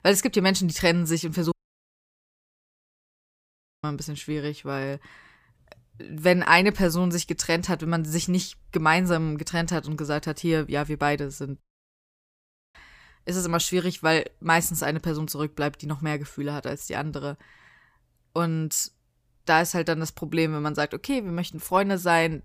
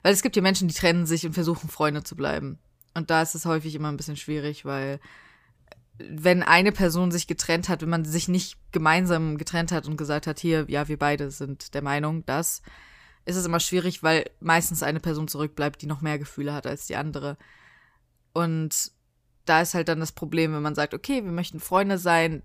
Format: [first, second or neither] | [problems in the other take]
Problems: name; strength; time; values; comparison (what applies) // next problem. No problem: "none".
second | audio cutting out; at 1.5 s for 2.5 s and at 12 s for 1 s